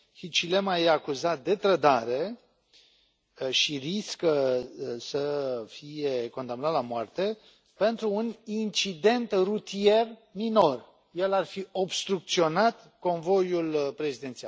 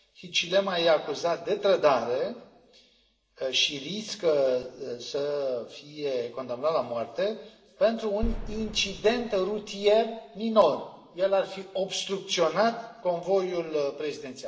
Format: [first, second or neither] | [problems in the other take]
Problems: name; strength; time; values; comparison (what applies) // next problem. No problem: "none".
first | background sound (Boom); 9 dB below the speech // room echo; dies away in 1 s